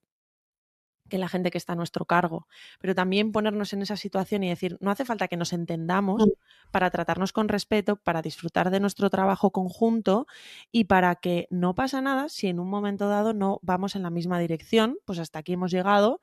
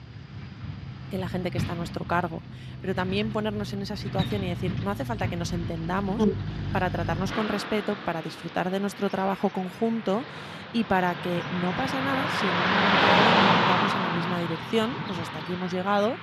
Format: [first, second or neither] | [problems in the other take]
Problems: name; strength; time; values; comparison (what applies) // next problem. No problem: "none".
first | traffic noise; very loud; throughout; 2 dB above the speech